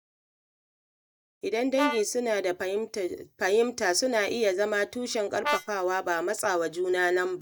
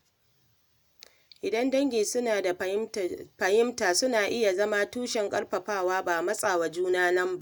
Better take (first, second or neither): second